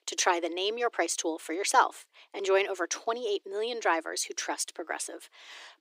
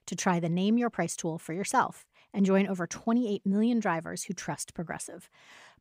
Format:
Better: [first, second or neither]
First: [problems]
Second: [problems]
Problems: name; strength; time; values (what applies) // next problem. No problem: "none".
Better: second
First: thin; very; fading below 300 Hz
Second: none